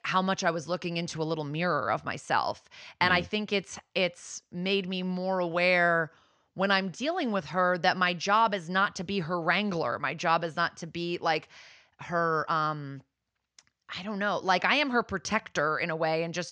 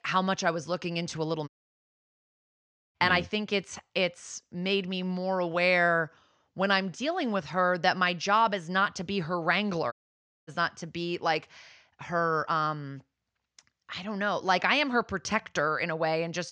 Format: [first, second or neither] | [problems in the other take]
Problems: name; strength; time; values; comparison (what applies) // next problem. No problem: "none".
first | audio cutting out; at 1.5 s for 1.5 s and at 10 s for 0.5 s